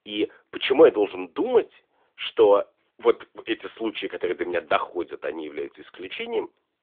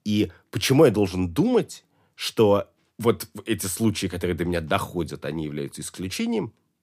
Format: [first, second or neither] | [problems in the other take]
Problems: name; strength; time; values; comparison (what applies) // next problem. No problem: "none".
second | phone-call audio; nothing above 3.5 kHz